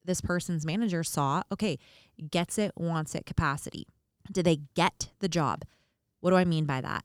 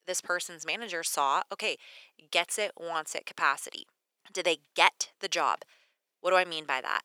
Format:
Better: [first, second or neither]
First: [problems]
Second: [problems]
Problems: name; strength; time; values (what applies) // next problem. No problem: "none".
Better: first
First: none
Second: thin; very; fading below 550 Hz